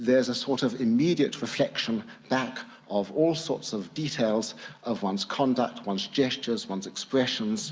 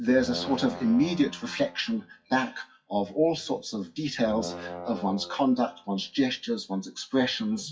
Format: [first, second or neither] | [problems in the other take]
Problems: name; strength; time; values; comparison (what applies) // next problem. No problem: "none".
first | noise reduction (classical method WPE with log-MMSE)